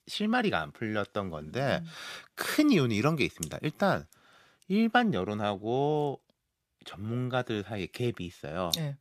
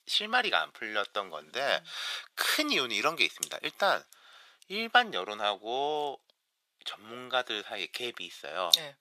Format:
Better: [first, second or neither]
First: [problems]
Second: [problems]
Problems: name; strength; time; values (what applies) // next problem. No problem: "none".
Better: first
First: none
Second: thin; very; fading below 700 Hz